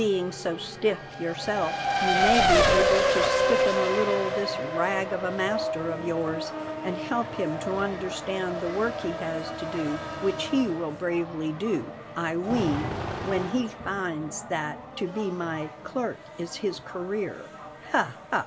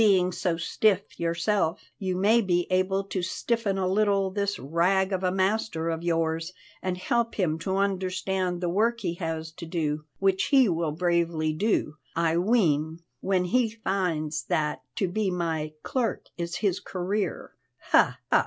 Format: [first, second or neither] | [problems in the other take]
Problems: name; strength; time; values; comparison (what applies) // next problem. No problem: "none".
second | background sound (Race car, auto racing); as loud as the speech